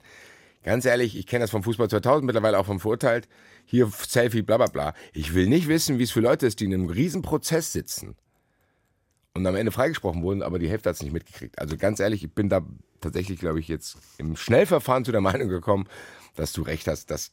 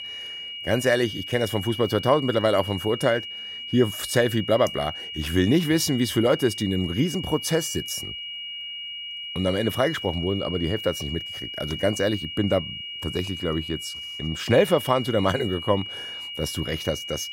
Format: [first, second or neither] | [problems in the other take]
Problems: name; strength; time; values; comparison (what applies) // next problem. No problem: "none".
first | high-pitched whine; loud; throughout; 3 kHz, 8 dB below the speech